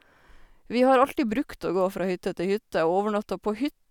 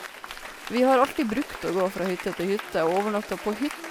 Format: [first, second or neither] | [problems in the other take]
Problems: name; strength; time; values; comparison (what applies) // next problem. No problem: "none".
first | background sound (Applause / Crowd); 12 dB below the speech